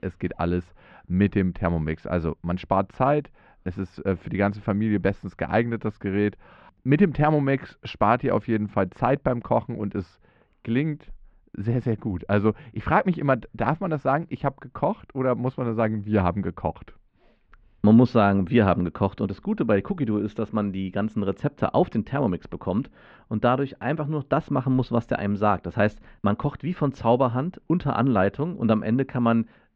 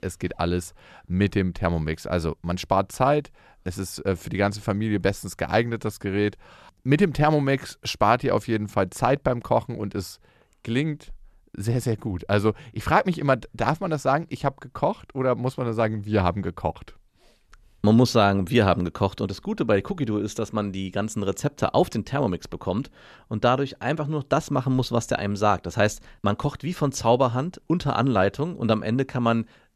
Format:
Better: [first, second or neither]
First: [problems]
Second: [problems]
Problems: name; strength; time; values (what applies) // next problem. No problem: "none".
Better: second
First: muffled; very; fading above 2.5 kHz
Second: none